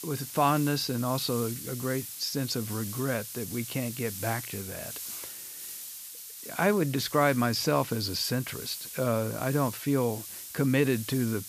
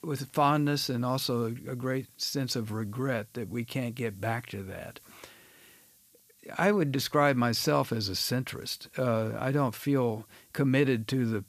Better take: second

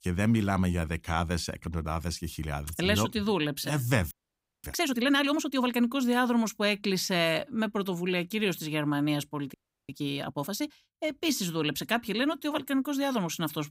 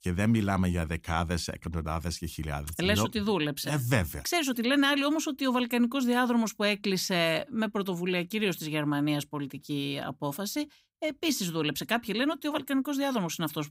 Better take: second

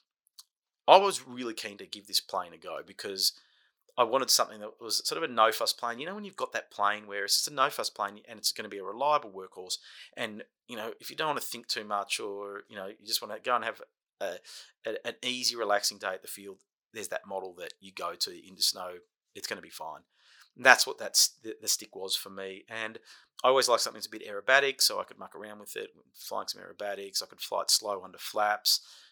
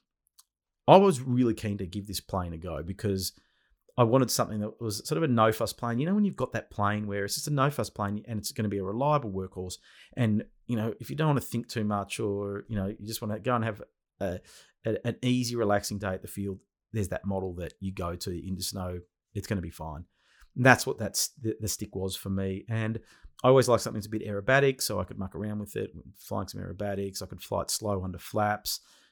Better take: second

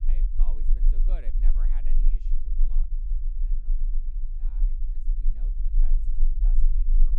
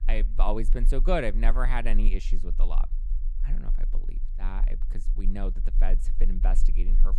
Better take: second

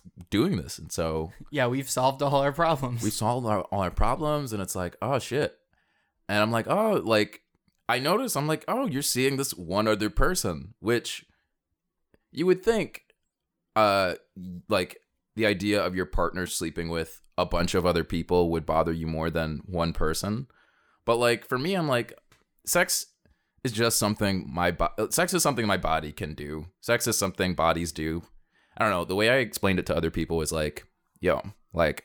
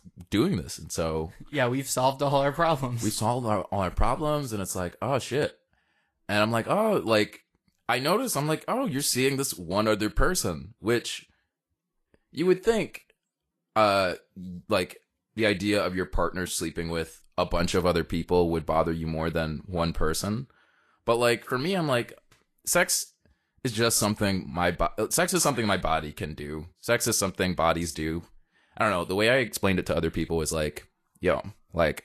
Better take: first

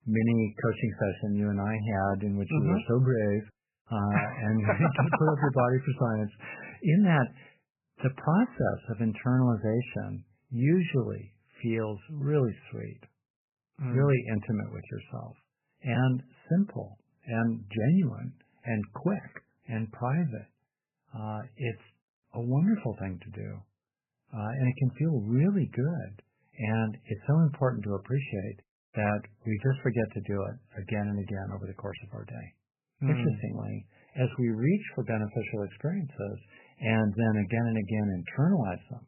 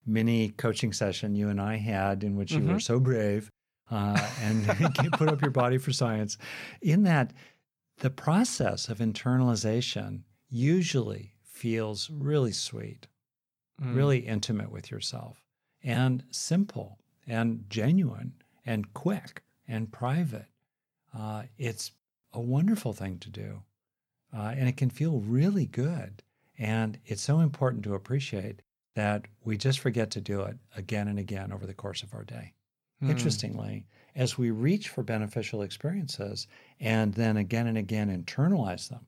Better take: second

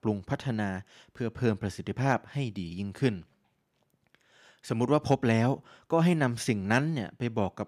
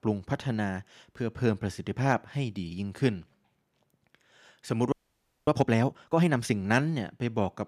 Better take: first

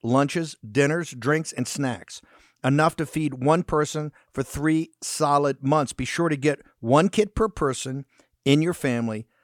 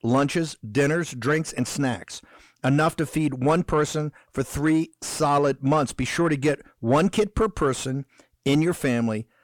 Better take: first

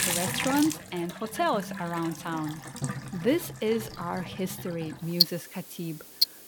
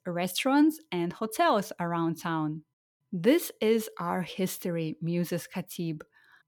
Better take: second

